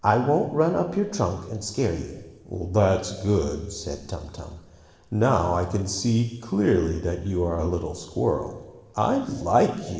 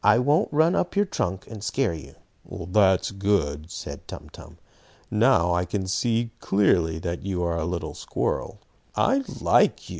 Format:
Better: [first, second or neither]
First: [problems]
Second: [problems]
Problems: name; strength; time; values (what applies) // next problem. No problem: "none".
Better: second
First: room echo; dies away in 1.2 s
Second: none